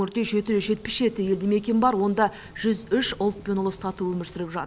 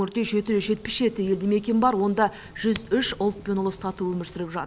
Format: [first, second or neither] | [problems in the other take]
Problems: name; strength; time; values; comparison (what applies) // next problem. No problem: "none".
first | background sound (Typing); 18 dB below the speech